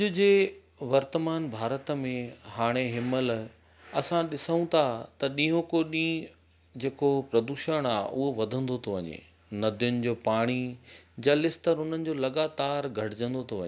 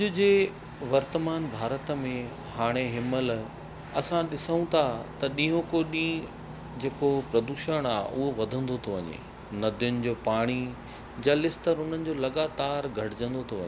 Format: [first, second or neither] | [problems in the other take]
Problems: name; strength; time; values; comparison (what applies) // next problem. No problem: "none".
first | background sound (Cricket); 14 dB below the speech